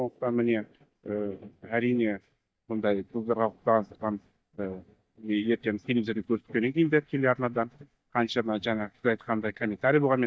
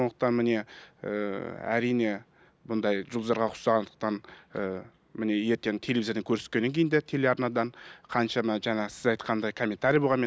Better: second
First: noise reduction (neural mask model DeepFilterNet 3)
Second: none

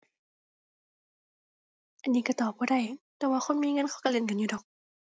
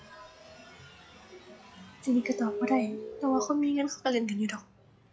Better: first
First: none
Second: noise reduction (classical method log-MMSE)

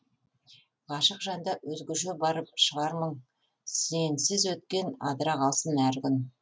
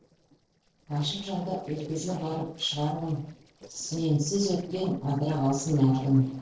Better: first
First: none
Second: noise reduction (neural separator model SepFormer DNS4)

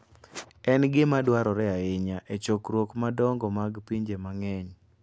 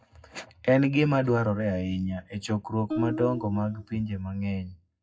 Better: first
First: none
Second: noise reduction (classical method WPE with log-MMSE)

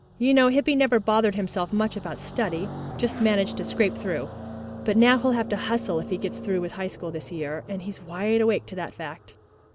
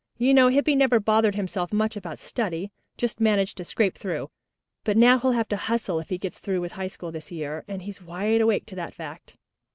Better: second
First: background sound (Car passing by); 12 dB below the speech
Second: none

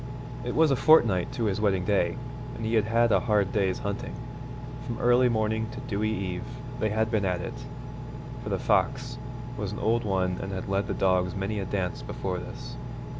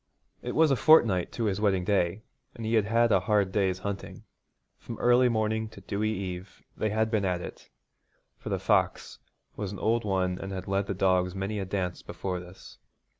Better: second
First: background sound (Engine); 7 dB below the speech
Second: none

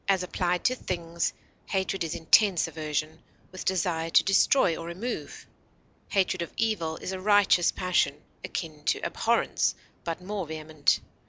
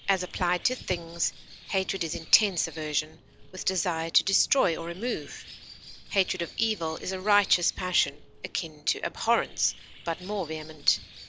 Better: first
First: none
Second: background sound (Bird); 18 dB below the speech

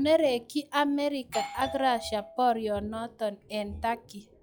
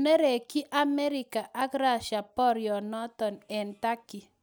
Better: second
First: noise reduction (classical method log-MMSE)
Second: none

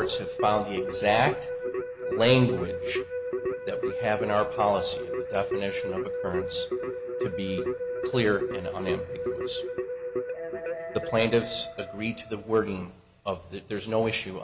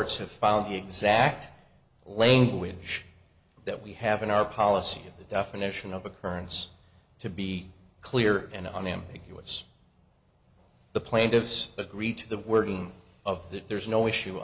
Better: second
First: background sound (Keyboard (musical)); 3 dB below the speech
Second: none

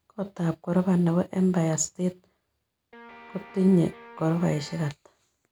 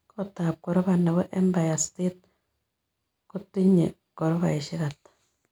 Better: second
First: background sound (Guitar); 20 dB below the speech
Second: none

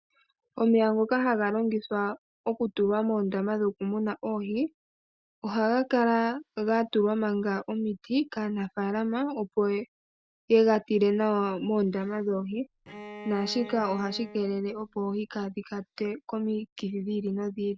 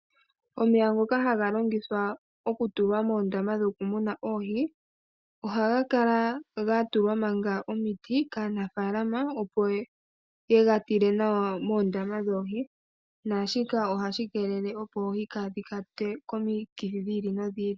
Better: second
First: background sound (Bowed string instrument); 16 dB below the speech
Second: none

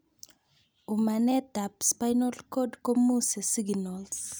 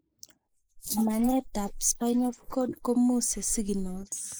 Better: first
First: none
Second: noise reduction (neural mask model Resemble Enhance denoiser)

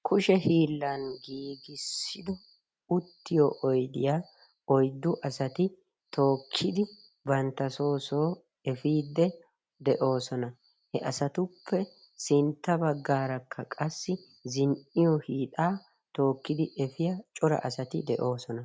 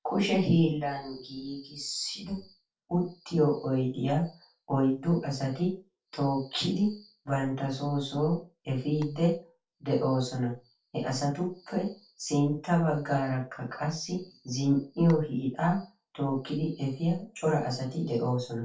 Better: first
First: none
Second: noise reduction (neural separator model SepFormer DNS4)

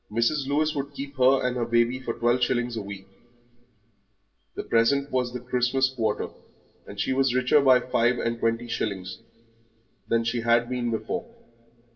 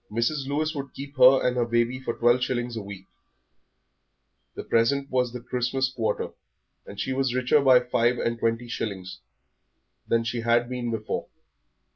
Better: second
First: room echo; dies away in 0.4 s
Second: none

